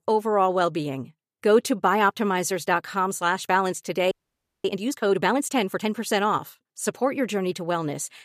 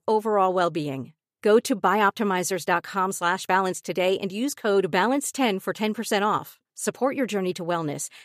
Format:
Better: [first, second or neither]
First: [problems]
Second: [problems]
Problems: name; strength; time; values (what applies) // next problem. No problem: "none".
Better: second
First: audio freezing; at 4 s for 0.5 s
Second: none